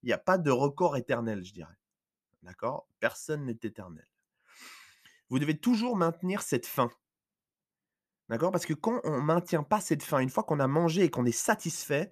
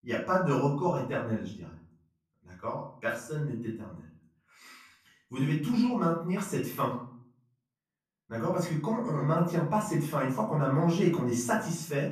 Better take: first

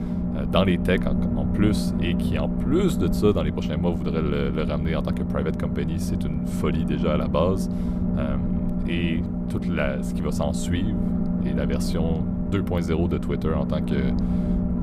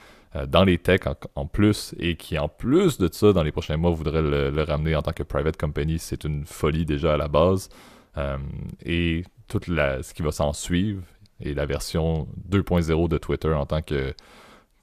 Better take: second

